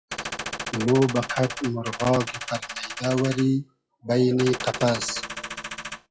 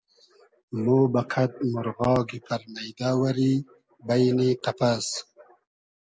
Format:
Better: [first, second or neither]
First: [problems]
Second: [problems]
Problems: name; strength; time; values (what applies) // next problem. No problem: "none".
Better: second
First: noise reduction (classical method log-MMSE)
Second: none